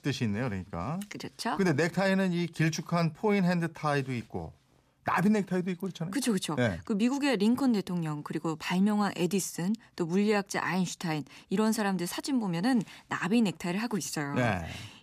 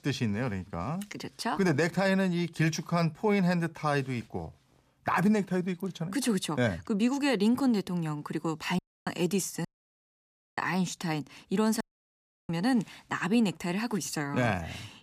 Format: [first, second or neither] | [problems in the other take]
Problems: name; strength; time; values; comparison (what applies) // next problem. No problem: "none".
first | audio cutting out; at 9 s, at 9.5 s for 1 s and at 12 s for 0.5 s